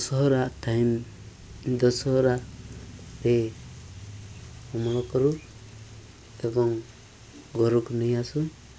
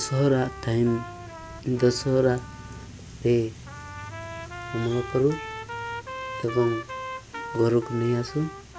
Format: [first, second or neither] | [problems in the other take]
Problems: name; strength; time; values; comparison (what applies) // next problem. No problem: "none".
first | background sound (Trumpet); 12 dB below the speech